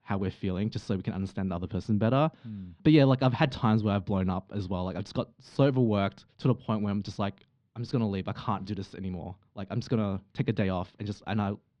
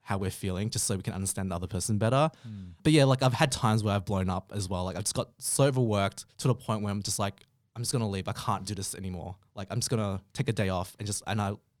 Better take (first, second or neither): second